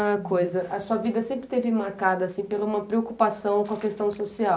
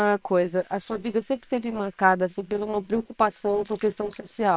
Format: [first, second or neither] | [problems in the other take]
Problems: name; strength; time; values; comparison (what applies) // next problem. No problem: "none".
first | noise reduction (neural separator model SepFormer WHAM!)